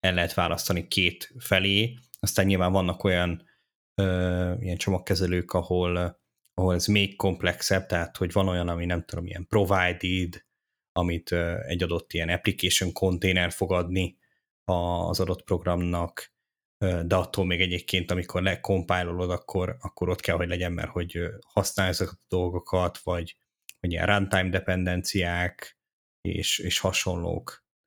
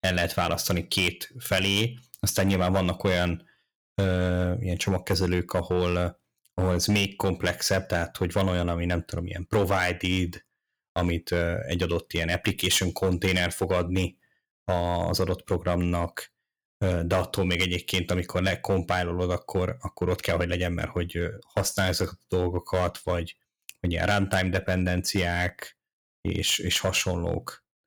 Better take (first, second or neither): first